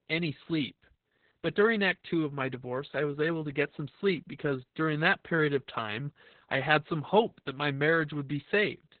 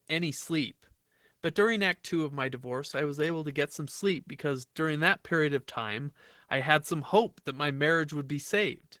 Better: second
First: garbled, watery; badly; nothing above 4 kHz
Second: garbled, watery; slightly

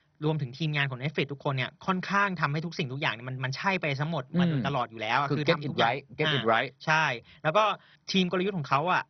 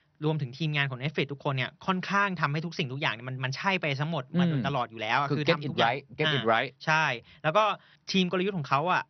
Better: second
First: garbled, watery; badly; nothing above 6 kHz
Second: garbled, watery; slightly; nothing above 6 kHz

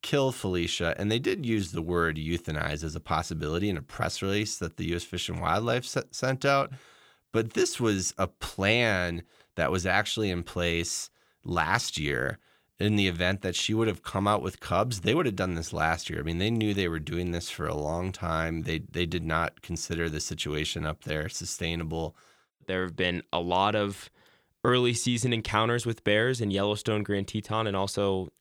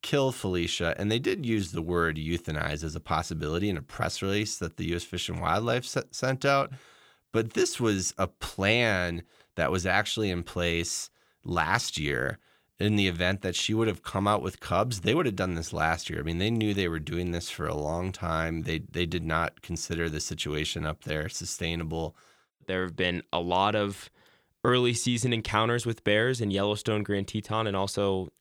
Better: neither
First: none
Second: none

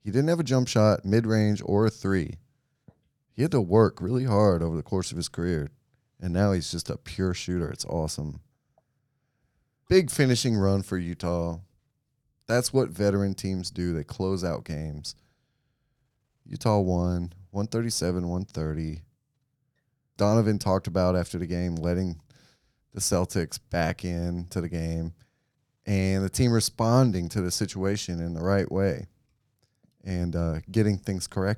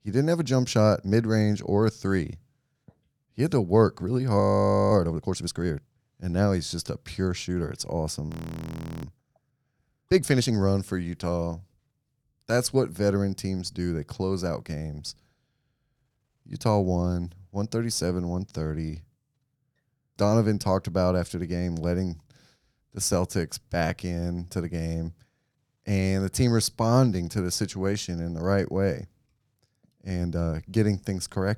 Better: first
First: none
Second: audio freezing; at 4.5 s for 0.5 s and at 8.5 s for 0.5 s

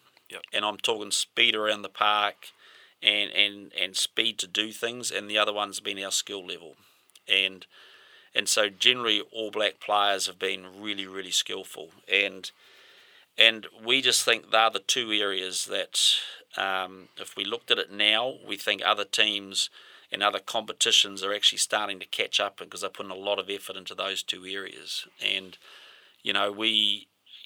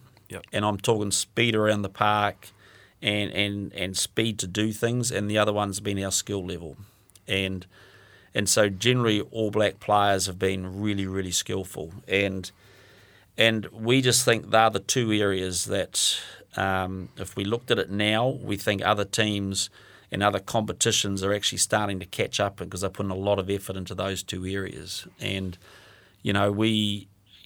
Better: second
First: thin; somewhat; fading below 400 Hz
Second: none

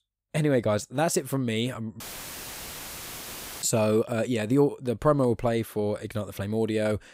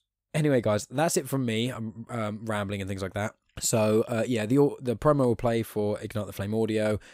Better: second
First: audio cutting out; filled with static; at 2 s for 1.5 s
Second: none

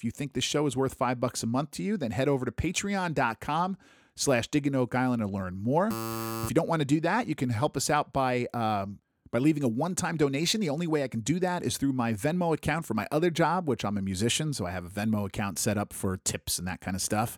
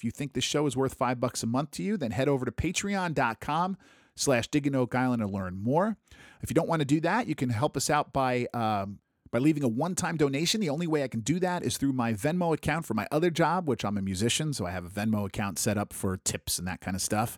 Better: second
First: alarm; noticeable; at 6 s; peak 5 dB below the speech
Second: none

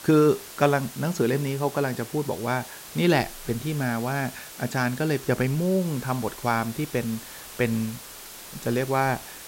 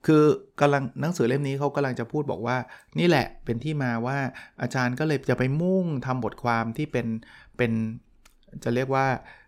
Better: second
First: hiss; noticeable; throughout; 15 dB below the speech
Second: none

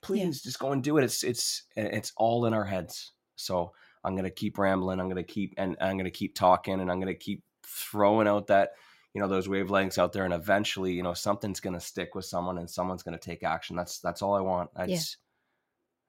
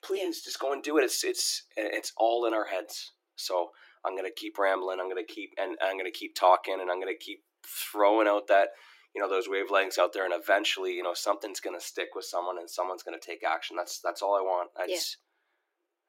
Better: first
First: none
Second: thin; very; fading below 300 Hz

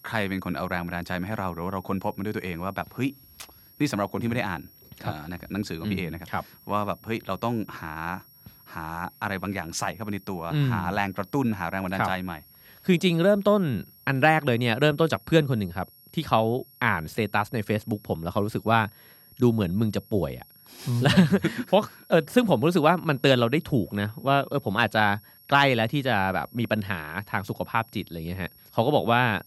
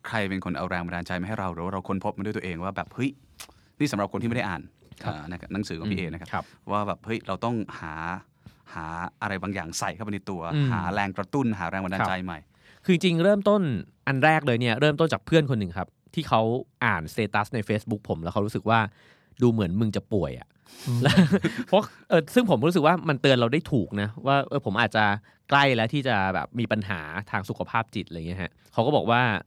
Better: second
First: high-pitched whine; faint; throughout; 11.5 kHz, 25 dB below the speech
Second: none

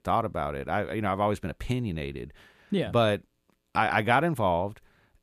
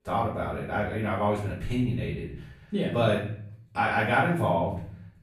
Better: first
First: none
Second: off-mic speech; far // room echo; noticeable; dies away in 0.7 s

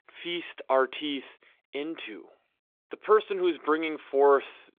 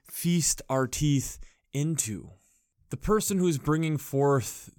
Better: second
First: phone-call audio; nothing above 3.5 kHz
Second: none

